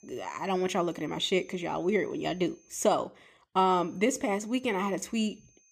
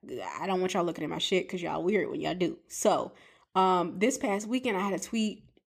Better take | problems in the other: second | high-pitched whine; faint; until 3 s and from 3.5 s on; 6.5 kHz, 30 dB below the speech

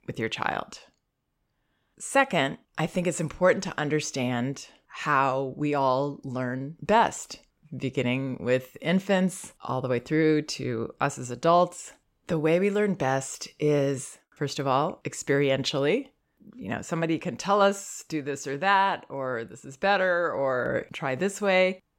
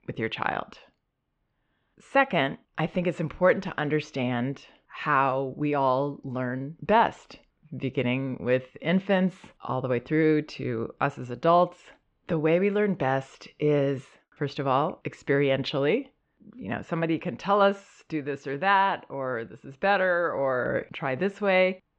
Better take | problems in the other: first | muffled; slightly; fading above 3.5 kHz

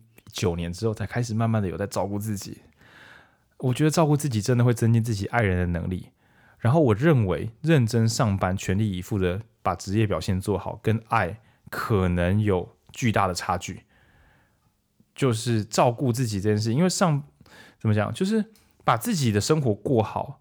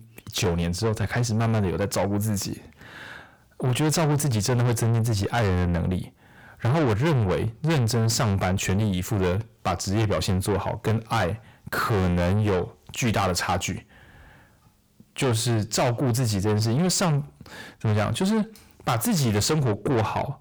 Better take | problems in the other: first | distortion; heavy; 6 dB below the speech

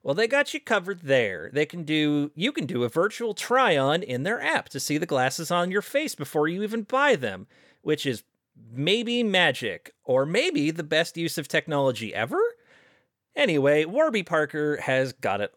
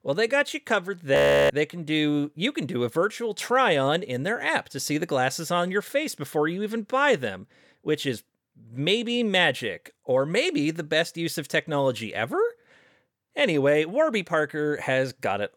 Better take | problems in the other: first | audio freezing; at 1 s

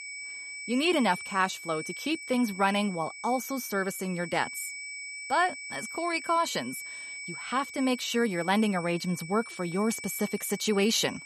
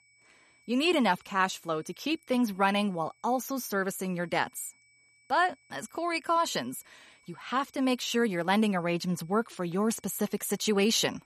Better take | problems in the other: second | high-pitched whine; loud; throughout; 2.5 kHz, 10 dB below the speech; faint in the second

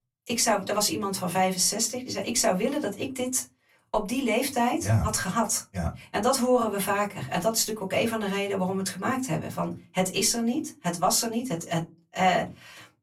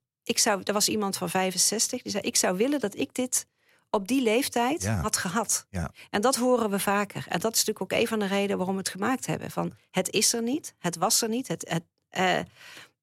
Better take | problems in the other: second | off-mic speech; far // room echo; very slight; dies away in 0.2 s

